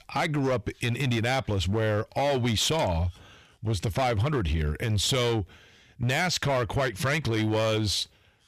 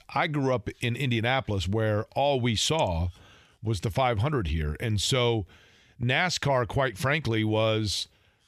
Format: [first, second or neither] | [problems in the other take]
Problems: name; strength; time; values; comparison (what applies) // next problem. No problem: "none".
second | distortion; slight; 13% of the sound clipped